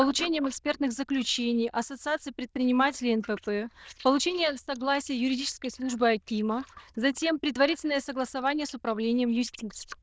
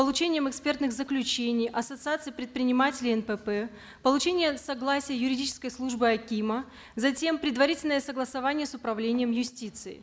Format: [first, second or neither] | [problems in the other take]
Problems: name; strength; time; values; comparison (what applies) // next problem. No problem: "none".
second | noise reduction (neural diffusion model UNIVERSE++)